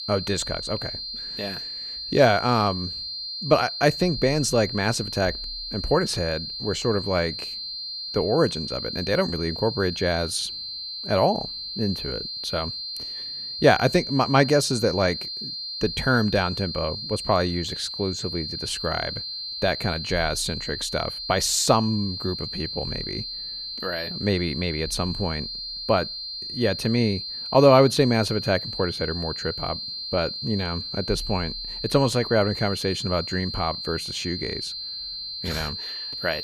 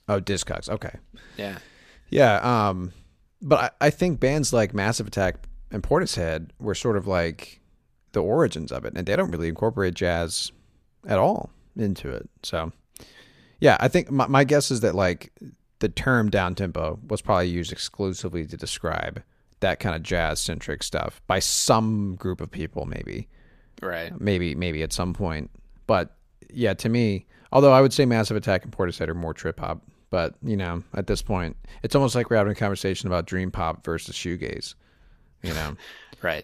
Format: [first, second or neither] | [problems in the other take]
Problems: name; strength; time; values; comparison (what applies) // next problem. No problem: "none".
second | high-pitched whine; loud; throughout; 4 kHz, 6 dB below the speech